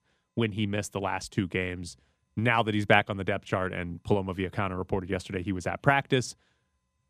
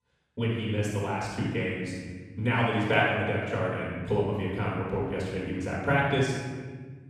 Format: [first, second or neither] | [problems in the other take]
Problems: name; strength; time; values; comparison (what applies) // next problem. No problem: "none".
first | off-mic speech; far // room echo; strong; dies away in 1.5 s